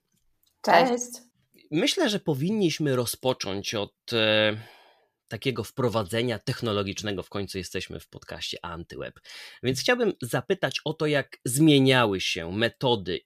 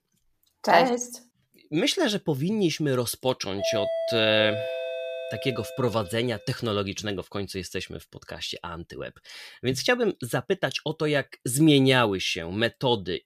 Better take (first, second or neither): first